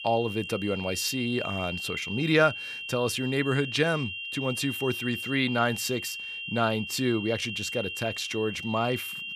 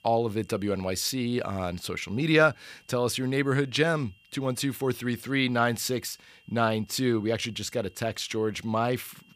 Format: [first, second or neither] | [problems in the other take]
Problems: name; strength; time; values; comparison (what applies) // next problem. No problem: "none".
second | high-pitched whine; loud; throughout; 3 kHz, 6 dB below the speech; faint in the second